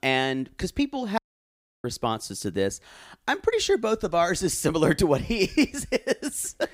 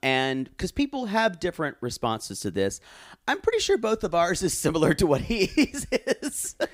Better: second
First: audio cutting out; at 1 s for 0.5 s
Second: none

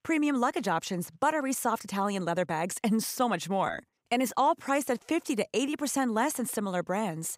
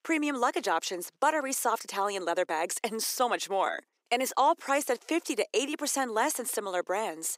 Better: first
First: none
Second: thin; somewhat; fading below 350 Hz

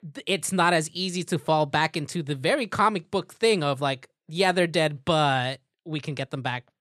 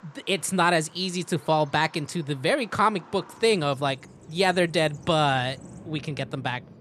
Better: first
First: none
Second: animal sounds; faint; throughout; 20 dB below the speech

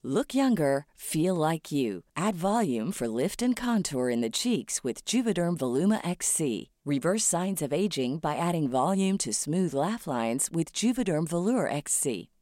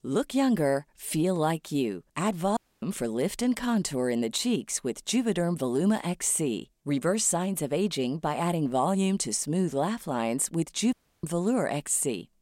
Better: first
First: none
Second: audio cutting out; at 2.5 s and at 11 s

